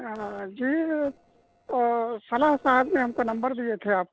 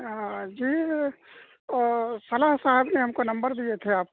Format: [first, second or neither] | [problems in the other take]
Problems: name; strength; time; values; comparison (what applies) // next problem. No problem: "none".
second | noise reduction (neural separator model SepFormer DNS4)